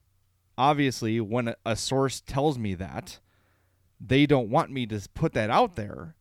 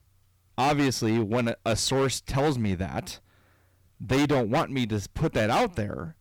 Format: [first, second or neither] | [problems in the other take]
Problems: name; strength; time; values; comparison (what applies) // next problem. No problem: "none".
first | distortion; heavy; 12% of the sound clipped